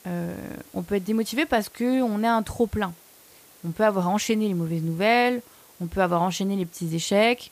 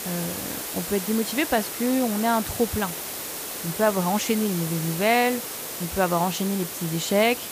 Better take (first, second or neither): first